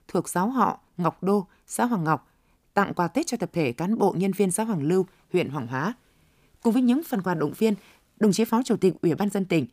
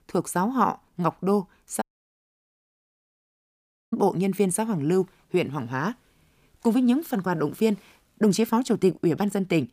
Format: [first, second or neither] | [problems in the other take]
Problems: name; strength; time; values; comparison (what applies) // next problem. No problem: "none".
first | audio cutting out; at 2 s for 2 s